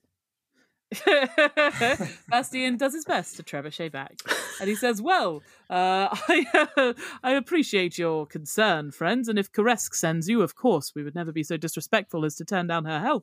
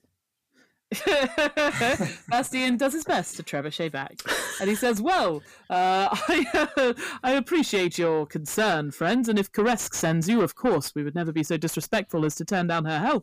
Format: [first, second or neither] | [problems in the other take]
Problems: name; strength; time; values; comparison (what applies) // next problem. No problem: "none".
first | distortion; heavy; 8 dB below the speech